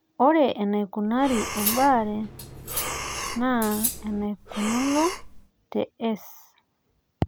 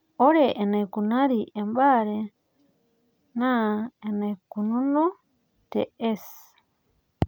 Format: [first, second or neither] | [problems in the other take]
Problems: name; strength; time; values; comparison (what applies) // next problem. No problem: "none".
second | background sound (Breathing + Cutlery, silverware); 6 dB below the speech